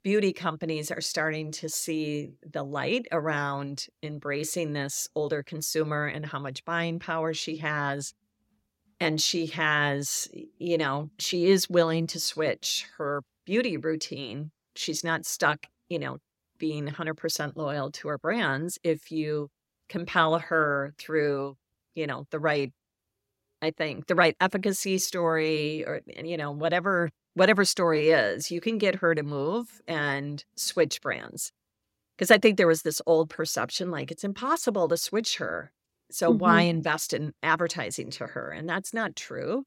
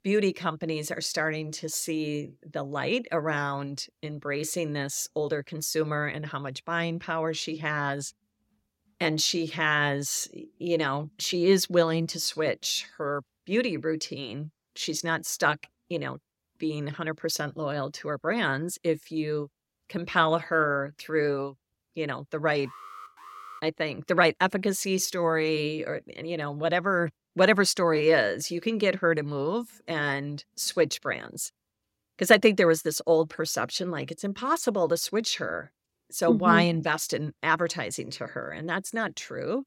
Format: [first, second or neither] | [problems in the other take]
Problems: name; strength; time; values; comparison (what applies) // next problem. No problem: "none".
first | alarm; faint; at 23 s; peak 15 dB below the speech